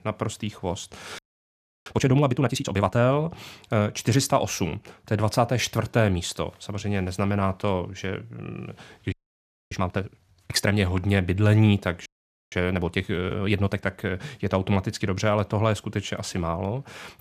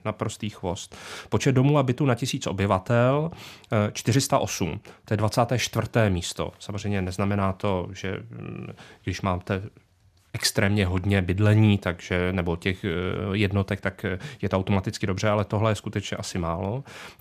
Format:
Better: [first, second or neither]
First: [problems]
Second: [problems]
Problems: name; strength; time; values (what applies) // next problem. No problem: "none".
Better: second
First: audio freezing; at 1 s for 0.5 s, at 9 s for 0.5 s and at 12 s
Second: none